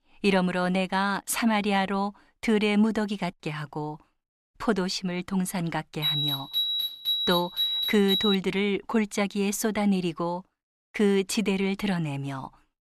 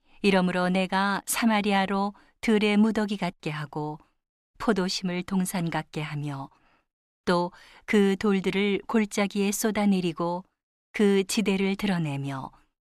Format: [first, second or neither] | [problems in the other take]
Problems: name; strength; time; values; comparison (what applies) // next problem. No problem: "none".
second | alarm; loud; from 6 to 8.5 s; peak 2 dB above the speech